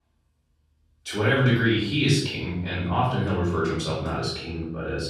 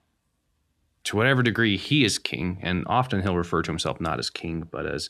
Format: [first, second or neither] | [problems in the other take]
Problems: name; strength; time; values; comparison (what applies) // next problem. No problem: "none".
second | off-mic speech; far // room echo; noticeable; dies away in 0.7 s